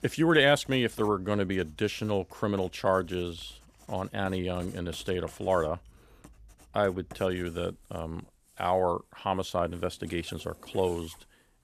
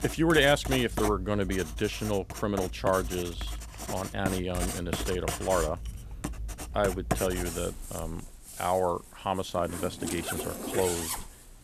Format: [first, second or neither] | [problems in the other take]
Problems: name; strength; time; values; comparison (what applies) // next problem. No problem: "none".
first | household noises; loud; throughout; 6 dB below the speech; faint in the first